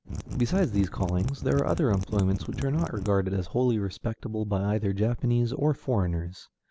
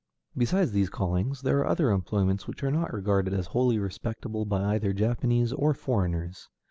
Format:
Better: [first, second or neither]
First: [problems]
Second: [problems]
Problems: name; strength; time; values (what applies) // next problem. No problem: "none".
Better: second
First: background sound (Mechanisms); 8 dB below the speech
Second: none